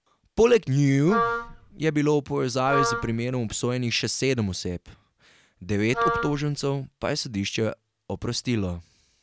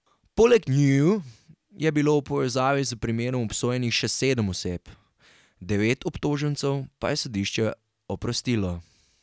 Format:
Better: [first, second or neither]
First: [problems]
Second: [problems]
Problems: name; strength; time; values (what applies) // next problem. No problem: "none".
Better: second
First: background sound (Wind instrument, woodwind instrument); 3 dB below the speech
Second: none